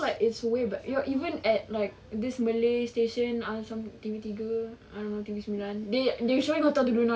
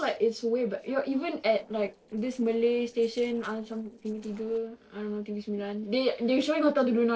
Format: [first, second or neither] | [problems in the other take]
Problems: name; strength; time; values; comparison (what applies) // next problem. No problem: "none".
first | noise reduction (neural separator model SepFormer DNS4)